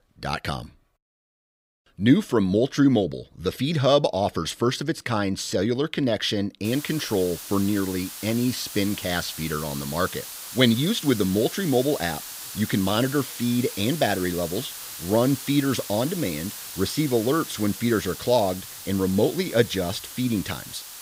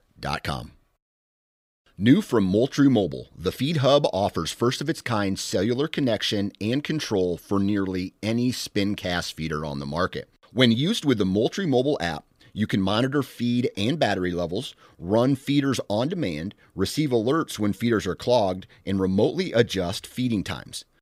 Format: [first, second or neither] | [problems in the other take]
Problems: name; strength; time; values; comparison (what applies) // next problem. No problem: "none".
second | hiss; noticeable; from 6.5 s on; 10 dB below the speech